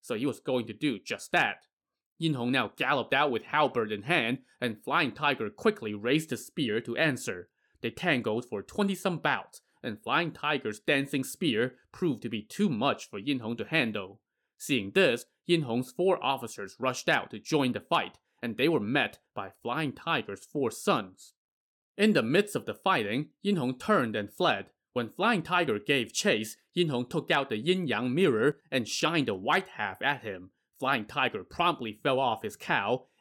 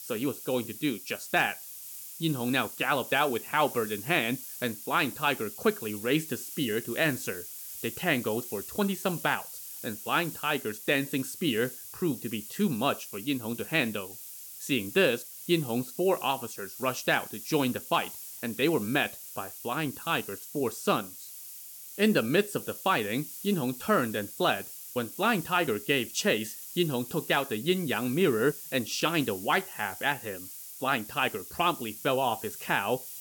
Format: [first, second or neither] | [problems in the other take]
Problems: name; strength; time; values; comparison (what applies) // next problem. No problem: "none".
first | hiss; noticeable; throughout; 10 dB below the speech